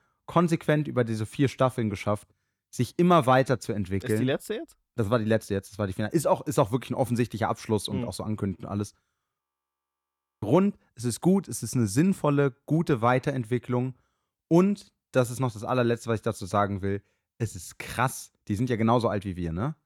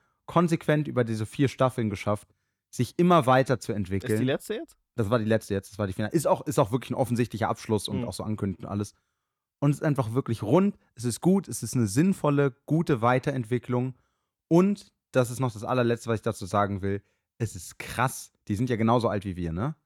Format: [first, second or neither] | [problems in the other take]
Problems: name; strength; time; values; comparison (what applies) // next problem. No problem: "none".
second | audio freezing; at 9.5 s for 1 s